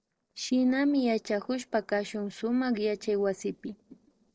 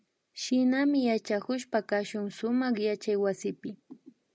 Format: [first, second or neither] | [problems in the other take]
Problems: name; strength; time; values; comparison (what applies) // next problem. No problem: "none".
second | noise reduction (neural separator model SepFormer DNS4)